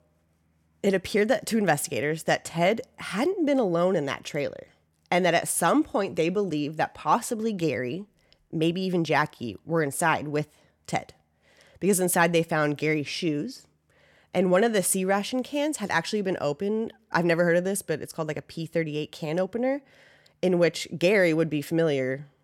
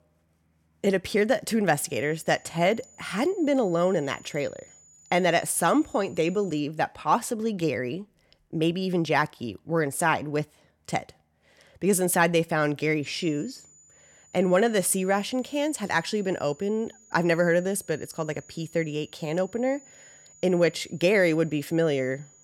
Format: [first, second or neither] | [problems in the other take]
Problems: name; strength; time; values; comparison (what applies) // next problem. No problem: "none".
first | high-pitched whine; faint; from 2 to 6.5 s and from 13 s on; 7 kHz, 25 dB below the speech